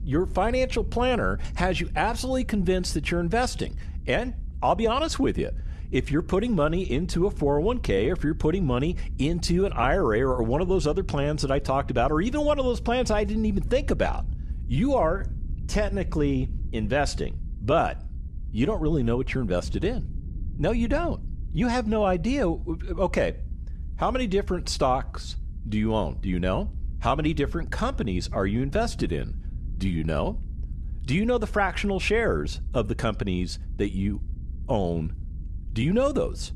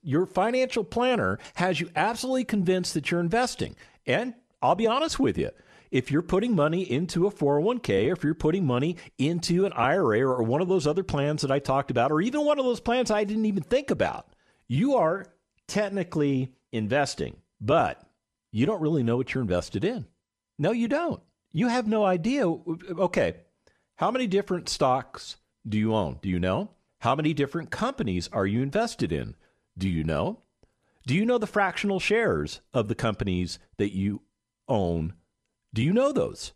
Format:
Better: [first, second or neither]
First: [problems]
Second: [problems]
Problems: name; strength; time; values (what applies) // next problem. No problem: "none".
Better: second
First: low rumble; faint; throughout; 25 dB below the speech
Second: none